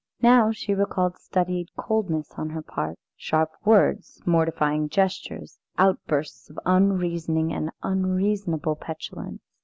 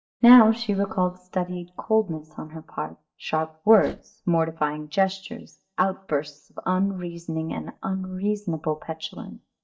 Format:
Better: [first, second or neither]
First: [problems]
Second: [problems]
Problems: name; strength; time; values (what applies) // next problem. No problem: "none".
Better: first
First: none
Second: noise reduction (neural mask model DeepFilterNet 3)